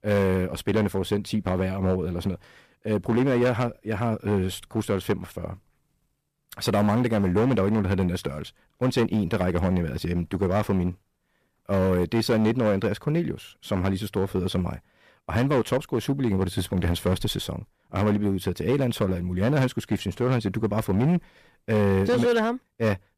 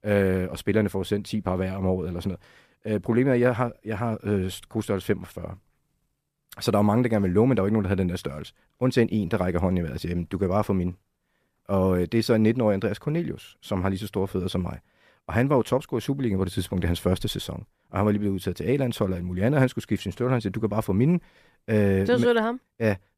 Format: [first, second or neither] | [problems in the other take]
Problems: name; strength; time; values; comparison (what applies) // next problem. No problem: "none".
second | distortion; slight; 8% of the sound clipped